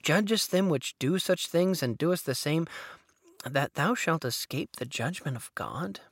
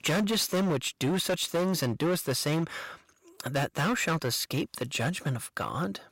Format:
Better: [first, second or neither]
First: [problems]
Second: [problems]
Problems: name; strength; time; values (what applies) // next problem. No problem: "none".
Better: first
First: none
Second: distortion; heavy; 14% of the sound clipped